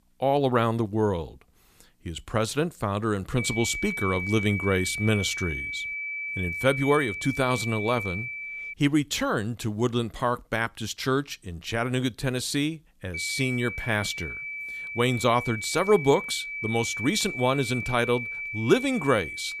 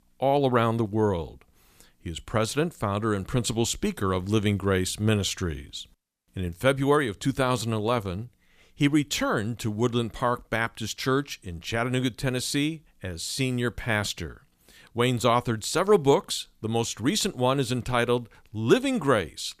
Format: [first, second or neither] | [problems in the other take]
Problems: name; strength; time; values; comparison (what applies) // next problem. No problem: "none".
second | high-pitched whine; loud; from 3.5 to 8.5 s and from 13 s on; 2.5 kHz, 5 dB below the speech